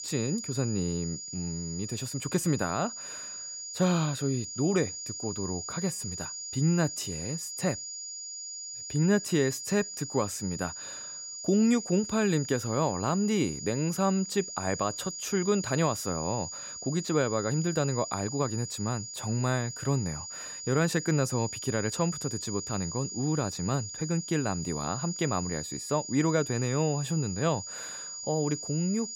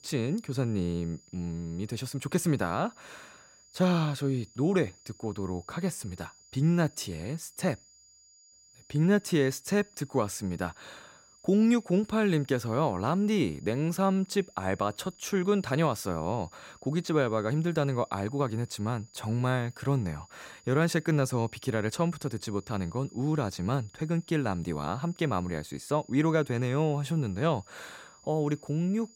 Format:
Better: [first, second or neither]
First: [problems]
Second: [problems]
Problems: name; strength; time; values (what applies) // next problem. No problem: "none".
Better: second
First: high-pitched whine; loud; throughout; 7 kHz, 7 dB below the speech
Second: high-pitched whine; faint; throughout; 7 kHz, 25 dB below the speech